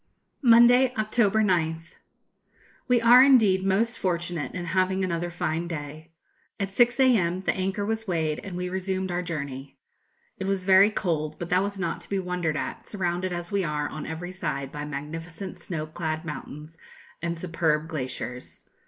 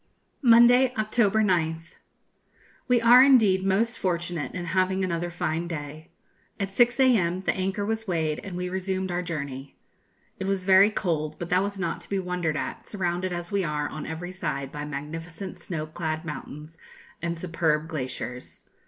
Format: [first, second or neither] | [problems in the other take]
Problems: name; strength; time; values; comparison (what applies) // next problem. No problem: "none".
second | noise reduction (neural mask model Resemble Enhance denoiser)